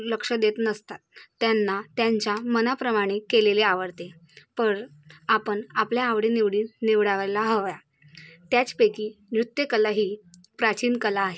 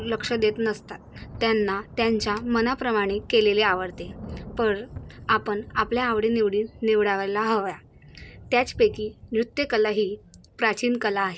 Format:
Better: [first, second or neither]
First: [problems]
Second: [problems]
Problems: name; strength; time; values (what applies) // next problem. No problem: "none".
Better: first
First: none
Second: background sound (Thunder / Rain); 18 dB below the speech